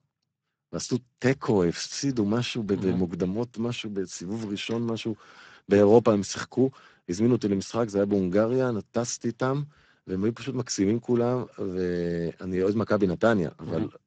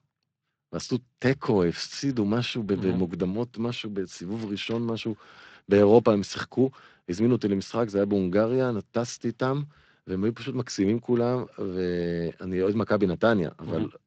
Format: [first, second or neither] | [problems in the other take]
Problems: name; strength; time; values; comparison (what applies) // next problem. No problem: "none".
second | garbled, watery; badly; nothing above 7.5 kHz; slightly in the second